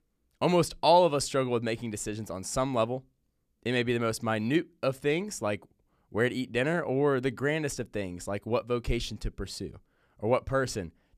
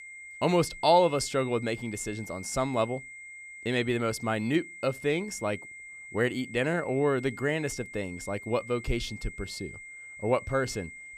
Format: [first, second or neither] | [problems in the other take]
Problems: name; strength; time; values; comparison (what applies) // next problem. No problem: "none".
first | high-pitched whine; noticeable; throughout; 2 kHz, 15 dB below the speech